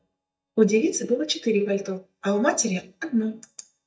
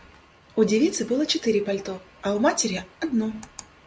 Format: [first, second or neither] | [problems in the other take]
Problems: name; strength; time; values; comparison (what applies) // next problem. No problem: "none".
second | noise reduction (neural mask model DeepFilterNet 3)